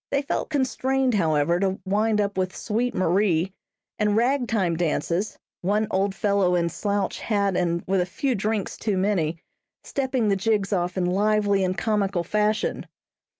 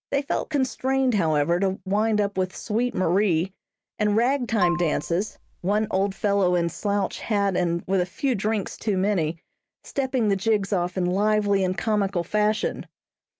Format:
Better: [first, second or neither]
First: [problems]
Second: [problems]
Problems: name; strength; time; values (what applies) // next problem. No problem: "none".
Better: first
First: none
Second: background sound (Marimba, xylophone); 10 dB below the speech